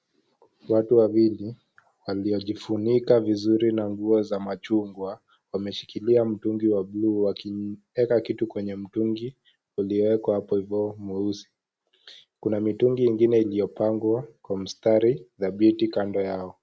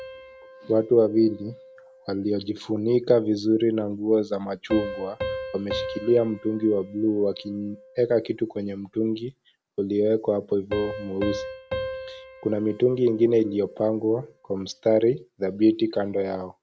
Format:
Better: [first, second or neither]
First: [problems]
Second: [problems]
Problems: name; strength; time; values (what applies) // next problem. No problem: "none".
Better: first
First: none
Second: background sound (Piano); 13 dB below the speech